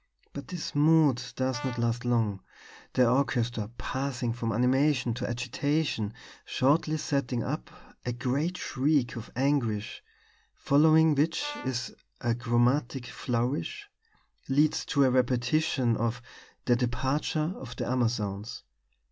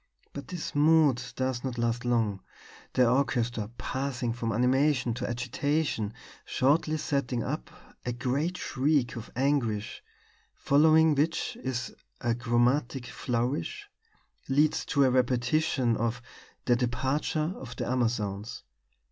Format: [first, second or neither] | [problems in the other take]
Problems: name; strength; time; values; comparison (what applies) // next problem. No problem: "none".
second | background sound (Brass instrument); 17 dB below the speech